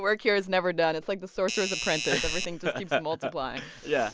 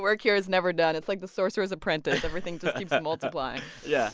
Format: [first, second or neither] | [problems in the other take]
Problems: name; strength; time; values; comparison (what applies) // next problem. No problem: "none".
second | background sound (Doorbell); 4 dB below the speech